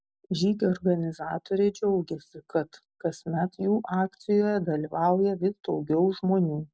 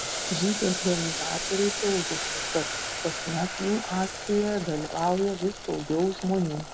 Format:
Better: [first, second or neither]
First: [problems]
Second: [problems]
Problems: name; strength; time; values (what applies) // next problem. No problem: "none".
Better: first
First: none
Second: background sound (Boiling); 5 dB below the speech